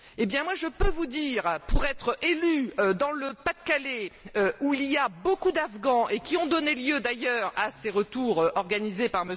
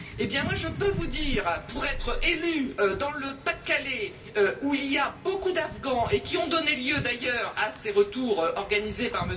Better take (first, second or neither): first